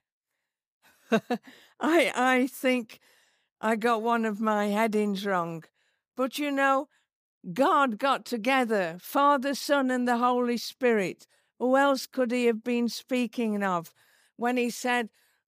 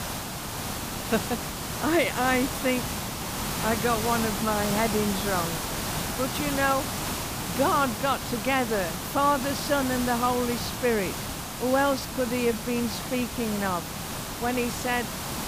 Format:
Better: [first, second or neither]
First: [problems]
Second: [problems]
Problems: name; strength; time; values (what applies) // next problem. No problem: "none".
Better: first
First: none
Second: hiss; loud; throughout; 4 dB below the speech